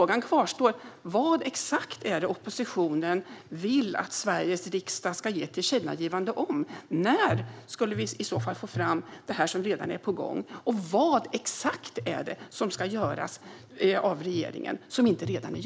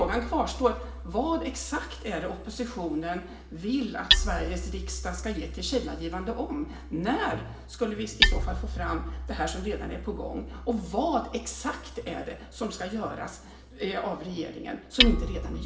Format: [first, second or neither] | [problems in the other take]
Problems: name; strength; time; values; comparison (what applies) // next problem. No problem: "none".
first | background sound (Hammer); 1 dB below the speech // room echo; dies away in 0.8 s